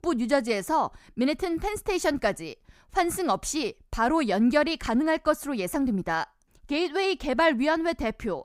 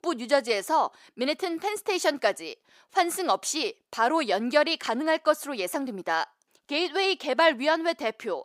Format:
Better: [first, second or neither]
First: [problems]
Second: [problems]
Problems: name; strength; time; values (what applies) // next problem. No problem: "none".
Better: first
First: none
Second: thin; somewhat; fading below 450 Hz